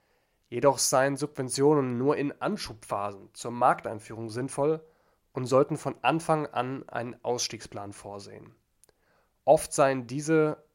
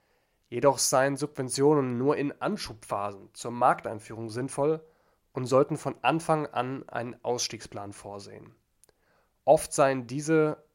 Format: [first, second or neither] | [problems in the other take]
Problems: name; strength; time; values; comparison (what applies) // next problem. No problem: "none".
neither | none